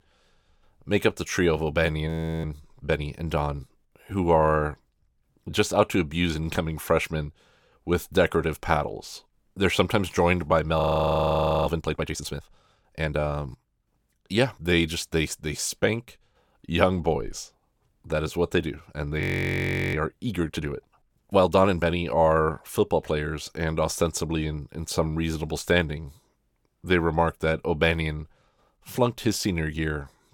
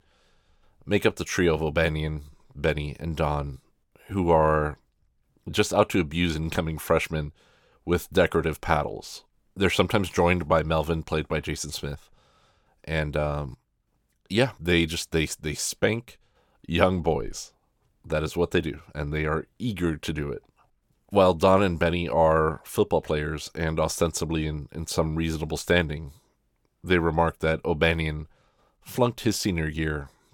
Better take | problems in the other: second | audio freezing; at 2 s, at 11 s for 1 s and at 19 s for 0.5 s

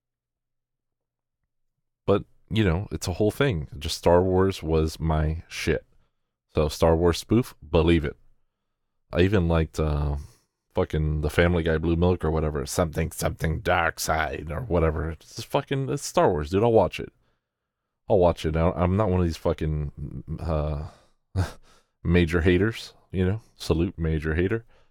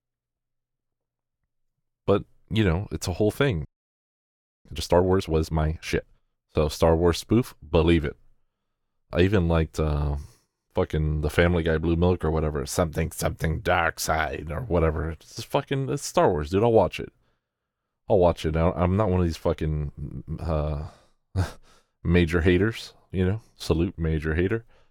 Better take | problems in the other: first | audio freezing; at 3.5 s for 1 s

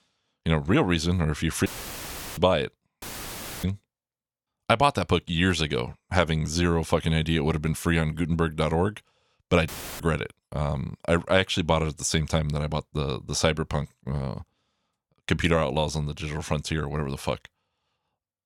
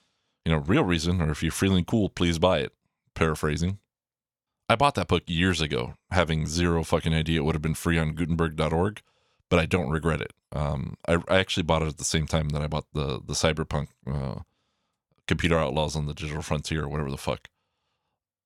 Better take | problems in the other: second | audio cutting out; filled with static; at 1.5 s for 0.5 s, at 3 s for 0.5 s and at 9.5 s

